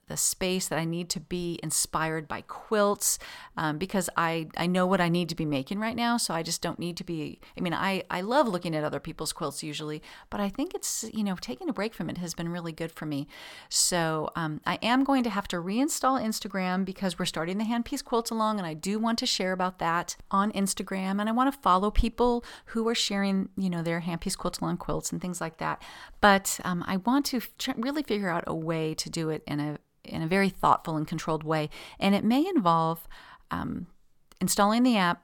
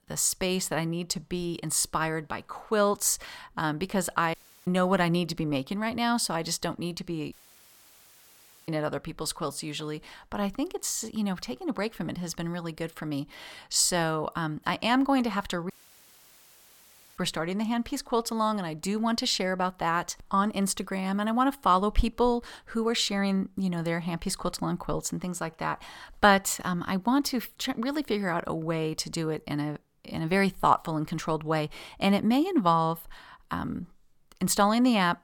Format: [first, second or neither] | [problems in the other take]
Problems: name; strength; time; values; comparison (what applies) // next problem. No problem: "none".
first | audio cutting out; at 4.5 s, at 7.5 s for 1.5 s and at 16 s for 1.5 s